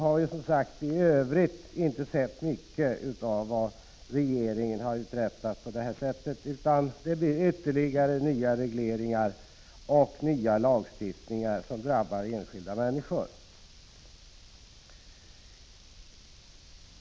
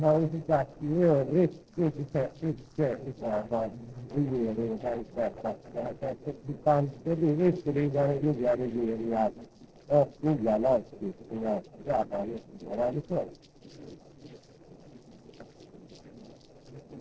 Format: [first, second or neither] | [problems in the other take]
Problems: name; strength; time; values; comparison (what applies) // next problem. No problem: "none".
first | noise reduction (neural separator model SepFormer DNS4)